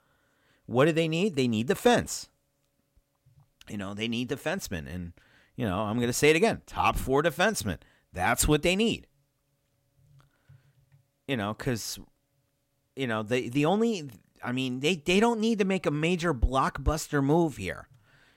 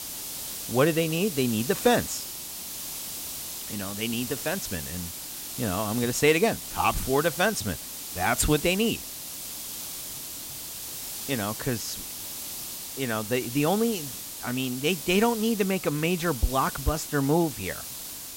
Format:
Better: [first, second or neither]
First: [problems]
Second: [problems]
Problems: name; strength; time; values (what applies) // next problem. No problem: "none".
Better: first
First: none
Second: hiss; loud; throughout; 7 dB below the speech